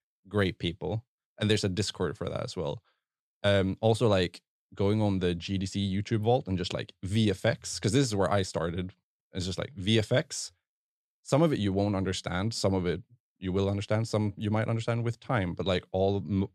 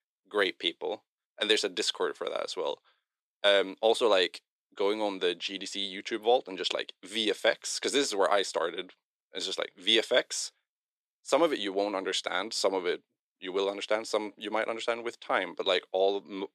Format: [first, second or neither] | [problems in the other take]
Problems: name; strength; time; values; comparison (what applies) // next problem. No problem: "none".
first | thin; very; fading below 350 Hz